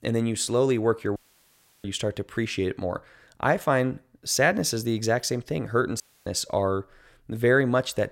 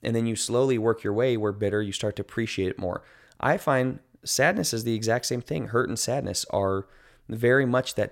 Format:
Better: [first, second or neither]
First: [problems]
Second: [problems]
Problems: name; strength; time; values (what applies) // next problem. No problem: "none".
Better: second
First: audio cutting out; at 1 s for 0.5 s and at 6 s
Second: none